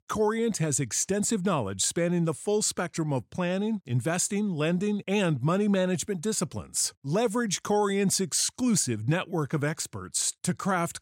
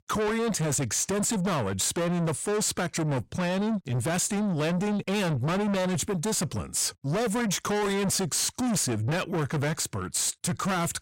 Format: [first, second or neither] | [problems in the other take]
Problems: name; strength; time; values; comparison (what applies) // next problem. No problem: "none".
first | distortion; heavy; 6 dB below the speech